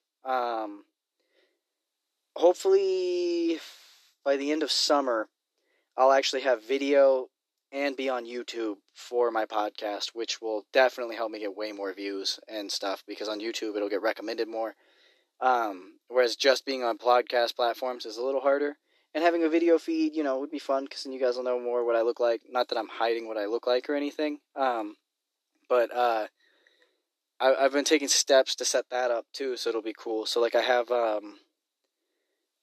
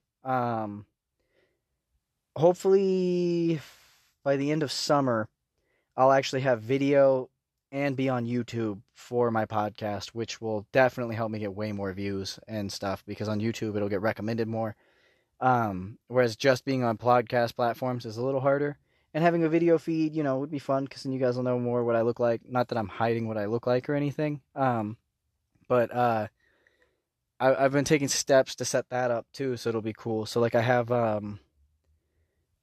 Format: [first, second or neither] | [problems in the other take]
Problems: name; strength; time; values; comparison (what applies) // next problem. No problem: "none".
second | thin; somewhat; fading below 300 Hz